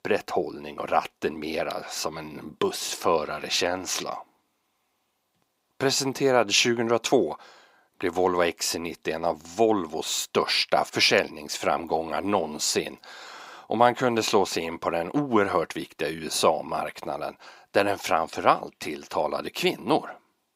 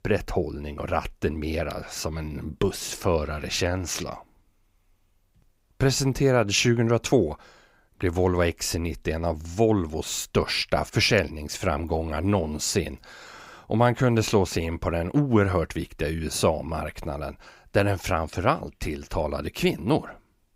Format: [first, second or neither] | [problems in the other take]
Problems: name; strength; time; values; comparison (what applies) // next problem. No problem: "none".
second | thin; somewhat; fading below 300 Hz